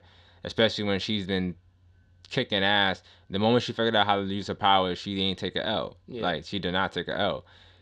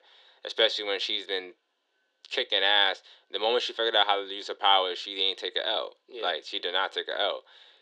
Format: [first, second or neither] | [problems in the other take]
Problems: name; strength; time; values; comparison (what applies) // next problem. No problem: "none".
first | thin; very; fading below 350 Hz